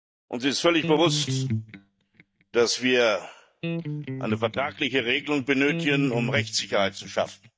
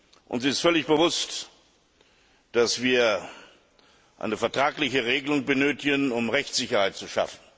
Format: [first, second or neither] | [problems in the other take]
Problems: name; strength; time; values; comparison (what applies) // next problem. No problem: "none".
second | noise reduction (neural mask model DeepFilterNet 3)